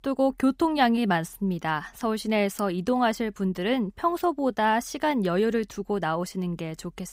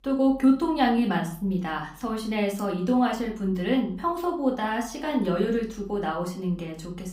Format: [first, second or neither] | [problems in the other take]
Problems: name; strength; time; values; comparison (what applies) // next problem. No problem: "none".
first | room echo; slight; dies away in 0.4 s // off-mic speech; far